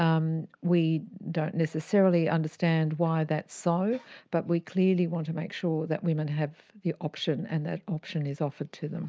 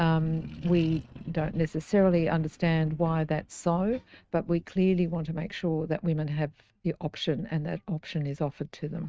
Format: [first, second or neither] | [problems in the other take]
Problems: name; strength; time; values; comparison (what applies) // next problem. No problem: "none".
first | noise reduction (neural mask model RNNoise)